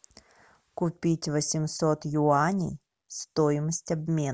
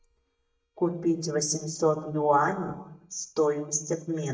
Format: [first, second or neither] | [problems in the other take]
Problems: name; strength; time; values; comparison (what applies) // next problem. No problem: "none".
first | noise reduction (neural mask model DeepFilterNet 3)